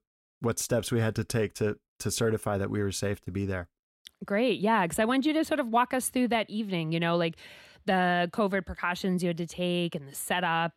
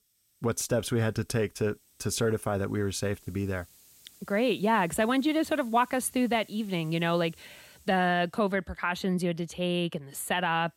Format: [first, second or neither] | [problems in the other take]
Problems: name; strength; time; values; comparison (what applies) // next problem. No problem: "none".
first | hiss; faint; throughout; 25 dB below the speech